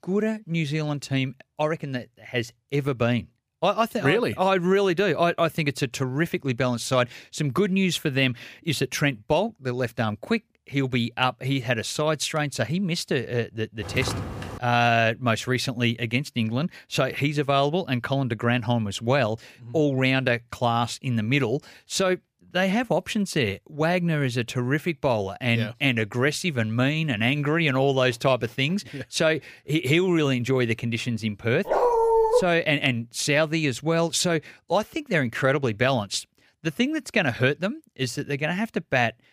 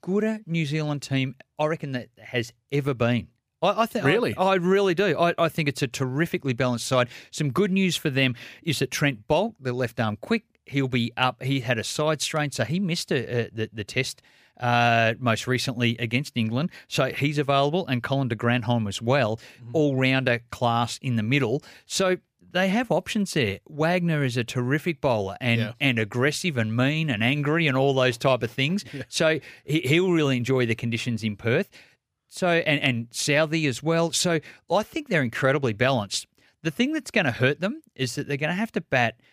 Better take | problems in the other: second | footsteps; noticeable; at 14 s; peak 6 dB below the speech // dog barking; loud; at 32 s; peak 5 dB above the speech

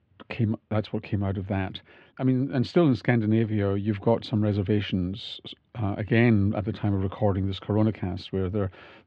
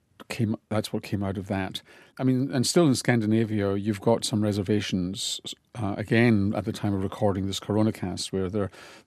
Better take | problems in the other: second | muffled; slightly; fading above 3 kHz

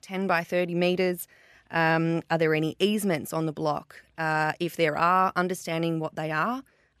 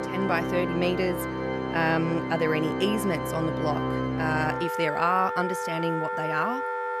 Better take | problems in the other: first | background music; loud; throughout; 2 dB below the speech

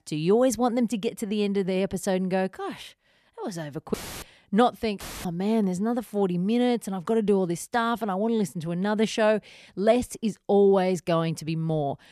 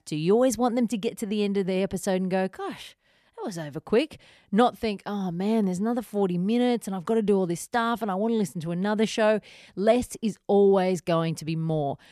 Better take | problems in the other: second | audio cutting out; filled with static; at 4 s and at 5 s

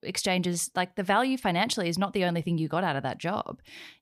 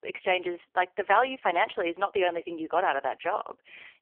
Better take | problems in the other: first | phone-call audio; poor line; nothing above 3 kHz

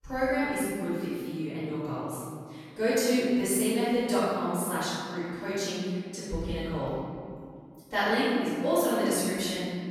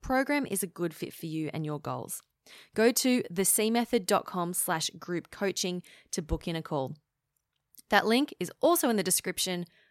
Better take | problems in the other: second | room echo; strong; dies away in 2.2 s // off-mic speech; far

